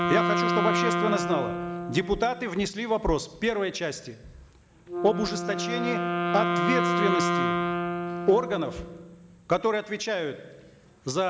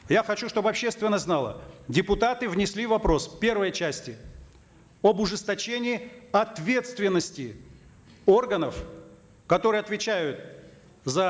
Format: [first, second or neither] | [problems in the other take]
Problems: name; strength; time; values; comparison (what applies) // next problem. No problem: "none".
second | background sound (Wind instrument, woodwind instrument); 1 dB below the speech